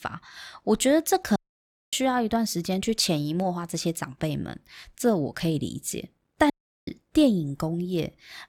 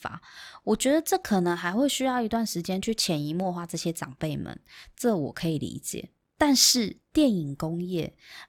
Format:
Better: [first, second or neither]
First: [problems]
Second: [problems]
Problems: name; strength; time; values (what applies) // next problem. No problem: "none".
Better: second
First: audio cutting out; at 1.5 s for 0.5 s and at 6.5 s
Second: none